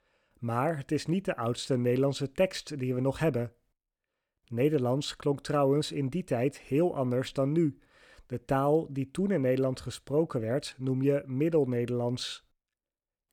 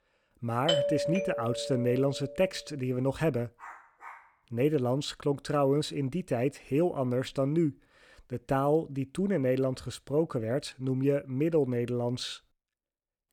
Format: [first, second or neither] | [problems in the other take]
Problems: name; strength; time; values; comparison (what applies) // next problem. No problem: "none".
first | doorbell; loud; from 0.5 to 2 s; peak 2 dB above the speech // dog barking; faint; at 3.5 s; peak 20 dB below the speech